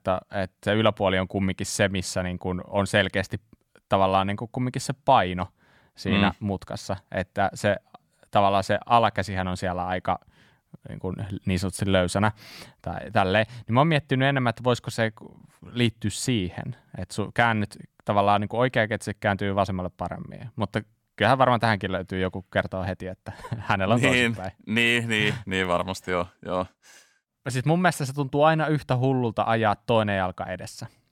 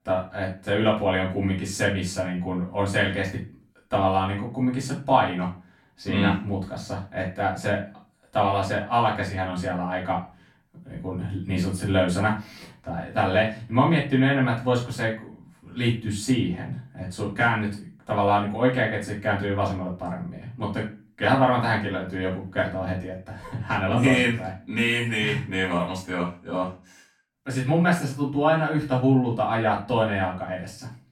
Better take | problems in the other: first | off-mic speech; far // room echo; slight; dies away in 0.3 s

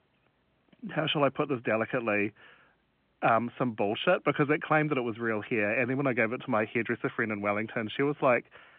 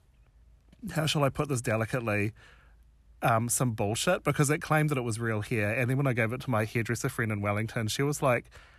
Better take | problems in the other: second | phone-call audio; nothing above 3 kHz

